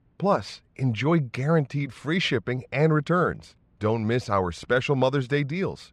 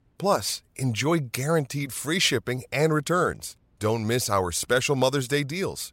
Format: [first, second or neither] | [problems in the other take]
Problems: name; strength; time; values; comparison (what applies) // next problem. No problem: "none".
second | muffled; slightly; fading above 3 kHz